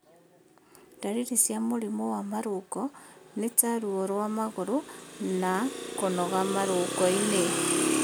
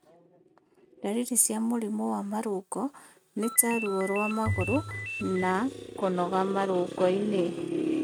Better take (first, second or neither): first